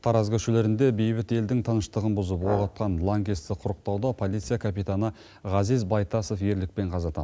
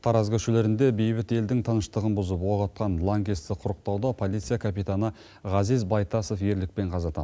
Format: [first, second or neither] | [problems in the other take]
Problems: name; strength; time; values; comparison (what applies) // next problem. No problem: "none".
second | background sound (Brass instrument); 14 dB below the speech